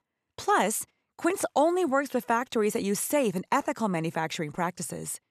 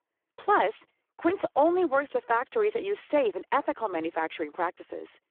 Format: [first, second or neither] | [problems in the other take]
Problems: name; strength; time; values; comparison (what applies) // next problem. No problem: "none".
first | phone-call audio; poor line